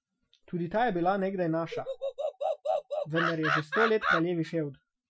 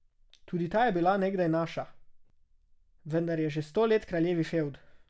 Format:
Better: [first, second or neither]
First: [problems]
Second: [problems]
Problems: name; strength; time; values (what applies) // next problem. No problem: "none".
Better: second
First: noise reduction (classical method Wiener filter)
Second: none